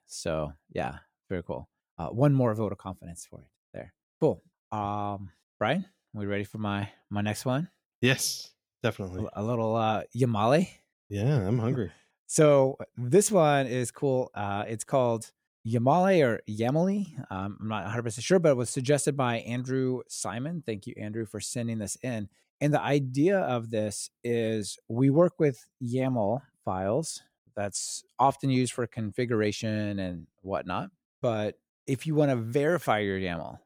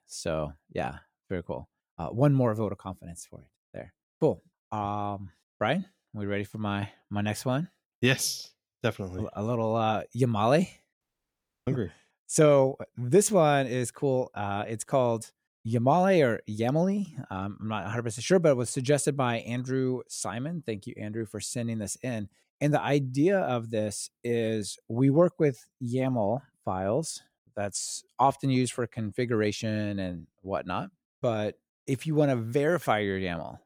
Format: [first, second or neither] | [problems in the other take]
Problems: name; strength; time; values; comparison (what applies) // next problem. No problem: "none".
first | audio cutting out; at 11 s for 0.5 s